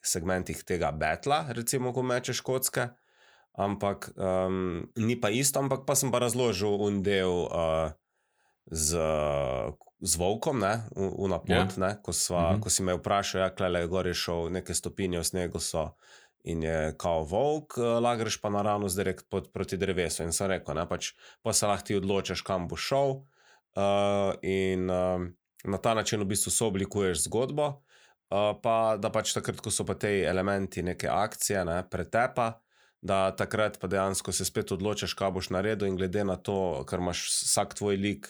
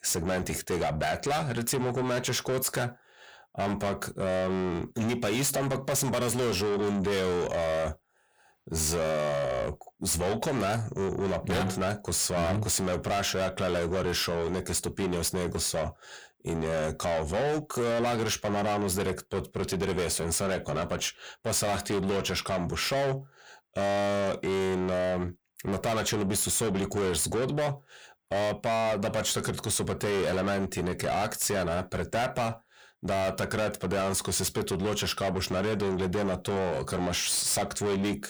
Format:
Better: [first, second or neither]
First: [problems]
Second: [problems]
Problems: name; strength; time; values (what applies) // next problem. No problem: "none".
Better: first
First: none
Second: distortion; heavy; 6 dB below the speech